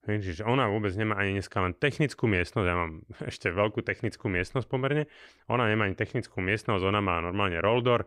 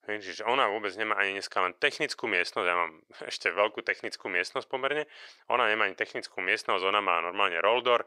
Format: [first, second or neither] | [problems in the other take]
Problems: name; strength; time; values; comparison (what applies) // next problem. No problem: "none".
first | thin; very; fading below 650 Hz